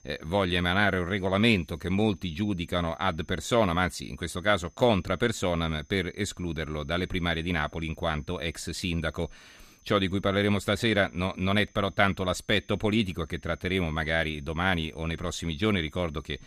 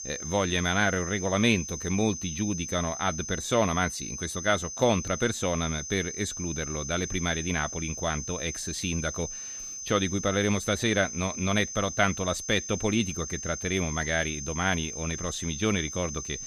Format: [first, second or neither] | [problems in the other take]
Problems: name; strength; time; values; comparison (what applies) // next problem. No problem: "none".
first | high-pitched whine; loud; throughout; 6 kHz, 6 dB below the speech; faint in the first